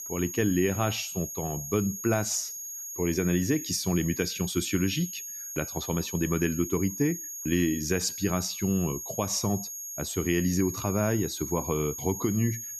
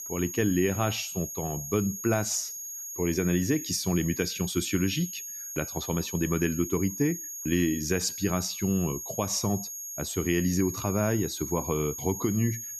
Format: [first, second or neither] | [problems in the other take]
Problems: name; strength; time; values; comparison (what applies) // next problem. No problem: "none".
neither | high-pitched whine; loud; throughout; 6.5 kHz, 7 dB below the speech; the same in both